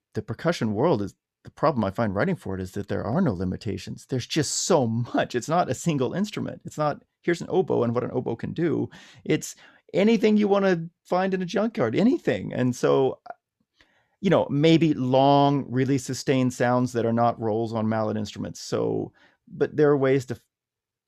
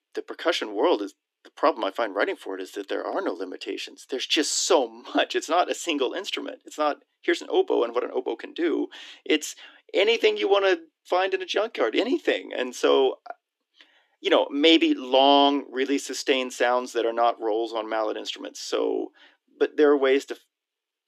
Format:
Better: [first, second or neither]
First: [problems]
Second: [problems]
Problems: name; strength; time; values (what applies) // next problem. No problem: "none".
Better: first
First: none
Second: thin; somewhat; fading below 300 Hz